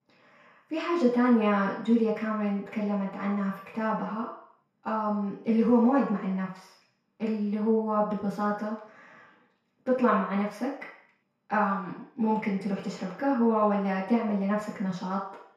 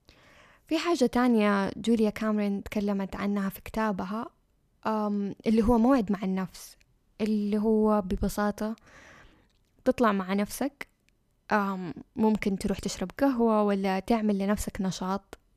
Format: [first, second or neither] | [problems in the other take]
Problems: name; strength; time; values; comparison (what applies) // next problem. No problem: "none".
second | room echo; noticeable; dies away in 0.6 s // off-mic speech; far